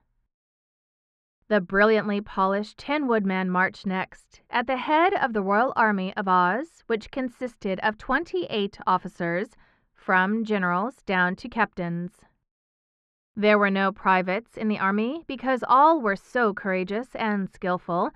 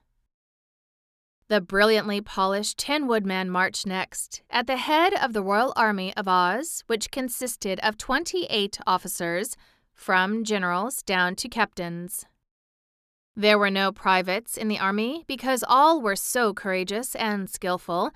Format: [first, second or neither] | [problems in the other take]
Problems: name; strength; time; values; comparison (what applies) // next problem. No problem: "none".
second | muffled; very; fading above 2 kHz